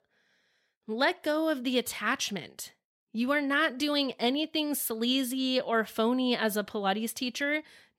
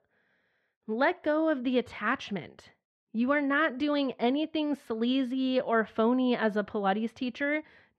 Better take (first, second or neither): first